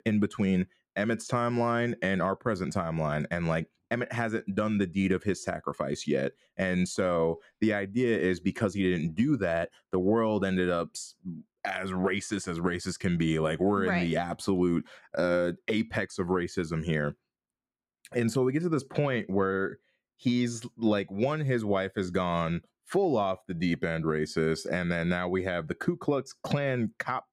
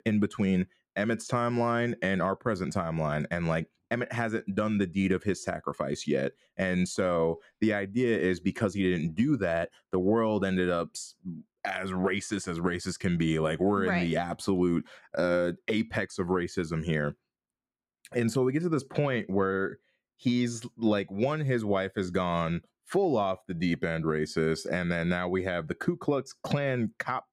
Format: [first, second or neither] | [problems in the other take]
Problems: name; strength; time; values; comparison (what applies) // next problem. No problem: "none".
neither | none